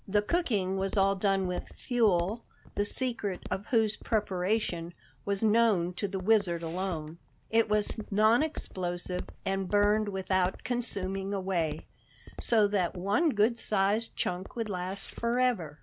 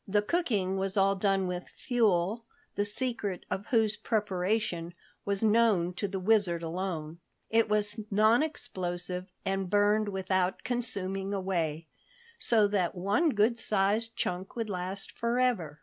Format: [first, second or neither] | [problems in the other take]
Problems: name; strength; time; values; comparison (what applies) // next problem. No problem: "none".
second | background sound (Walk, footsteps); 14 dB below the speech